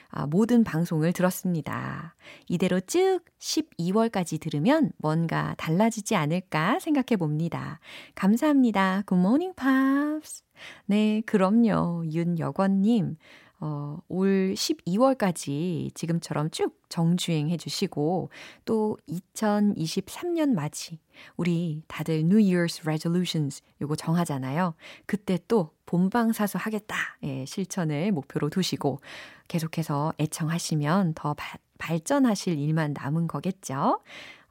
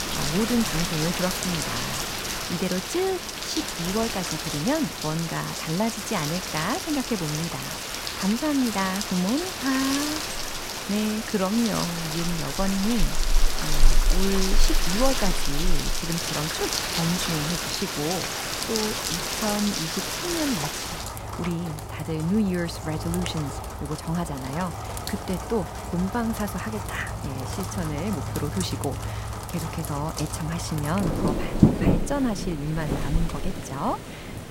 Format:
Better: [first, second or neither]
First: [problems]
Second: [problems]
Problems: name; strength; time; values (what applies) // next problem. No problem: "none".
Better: first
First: none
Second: rain or running water; very loud; throughout; as loud as the speech